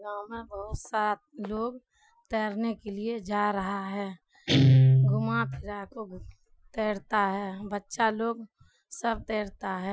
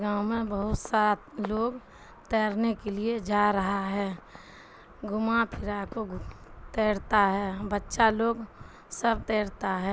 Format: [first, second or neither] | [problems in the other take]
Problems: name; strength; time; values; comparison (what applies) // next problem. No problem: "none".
second | noise reduction (classical method Wiener filter)